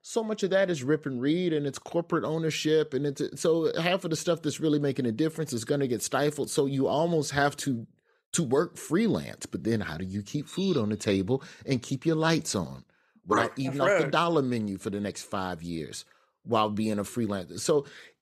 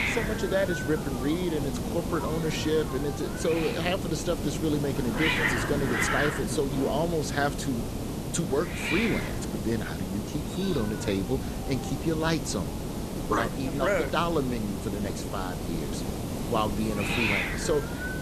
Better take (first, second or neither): first